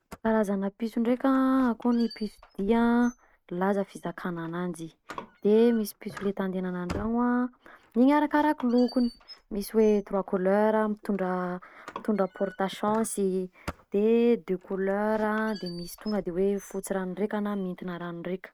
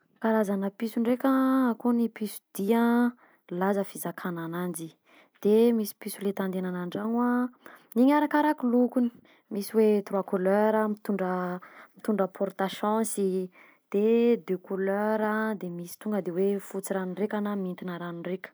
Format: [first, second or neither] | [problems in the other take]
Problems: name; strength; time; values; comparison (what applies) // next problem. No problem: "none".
second | noise reduction (neural mask model RNNoise)